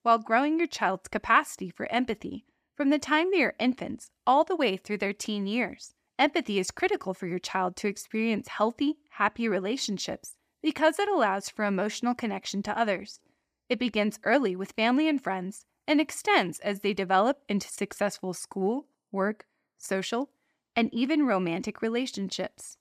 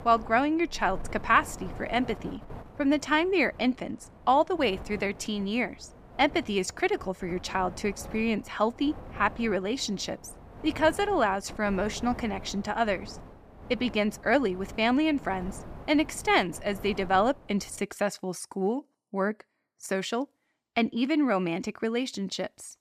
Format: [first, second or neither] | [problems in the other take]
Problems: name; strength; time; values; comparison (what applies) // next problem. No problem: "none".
first | wind noise on the microphone; occasional gusts; until 18 s; 20 dB below the speech